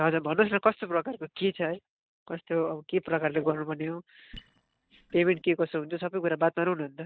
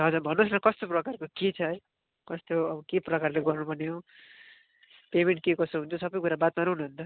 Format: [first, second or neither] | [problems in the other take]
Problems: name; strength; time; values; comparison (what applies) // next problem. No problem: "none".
second | noise reduction (neural mask model DeepFilterNet 3)